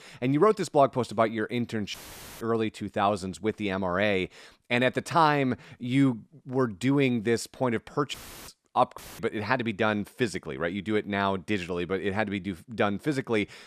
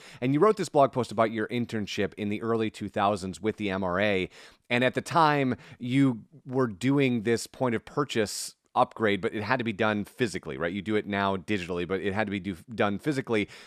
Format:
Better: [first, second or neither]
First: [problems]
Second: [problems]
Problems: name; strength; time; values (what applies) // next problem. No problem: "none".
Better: second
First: audio cutting out; filled with static; at 2 s, at 8 s and at 9 s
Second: none